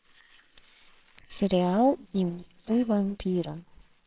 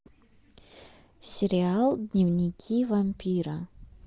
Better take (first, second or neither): second